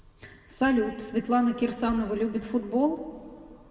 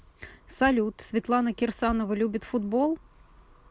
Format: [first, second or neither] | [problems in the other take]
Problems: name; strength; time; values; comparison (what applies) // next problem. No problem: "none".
second | room echo; dies away in 1.6 s